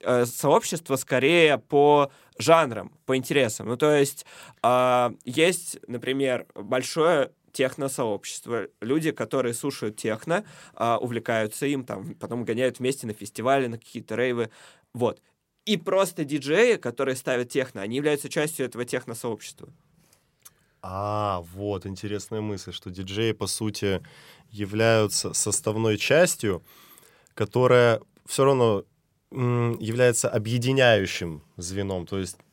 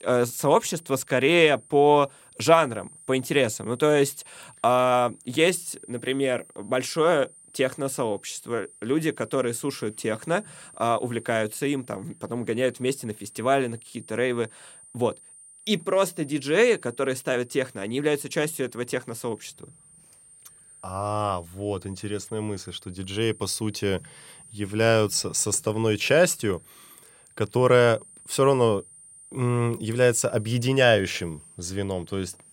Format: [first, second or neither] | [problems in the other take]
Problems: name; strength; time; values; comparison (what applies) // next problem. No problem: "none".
first | high-pitched whine; faint; throughout; 9 kHz, 25 dB below the speech